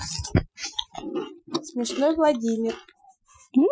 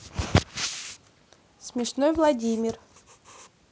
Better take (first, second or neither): second